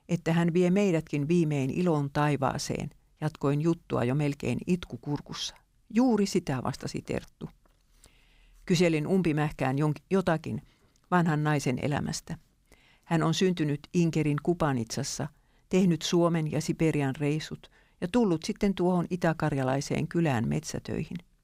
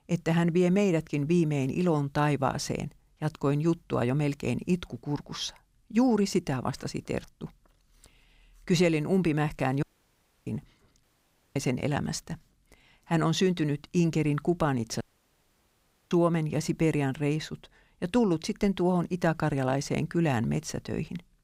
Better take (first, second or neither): first